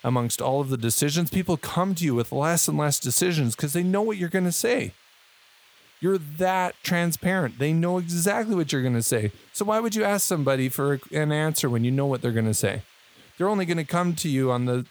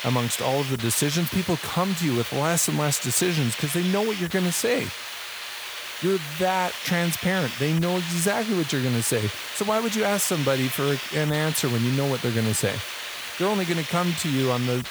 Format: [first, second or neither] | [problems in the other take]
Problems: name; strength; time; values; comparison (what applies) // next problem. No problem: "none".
first | hiss; loud; throughout; 6 dB below the speech; faint in the first